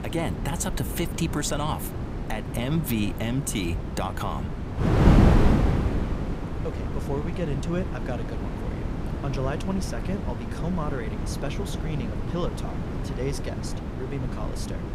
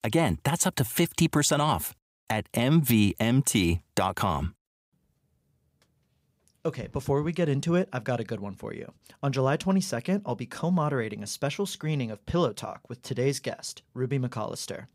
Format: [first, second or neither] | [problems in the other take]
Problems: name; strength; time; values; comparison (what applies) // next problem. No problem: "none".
second | wind noise on the microphone; heavy; 1 dB below the speech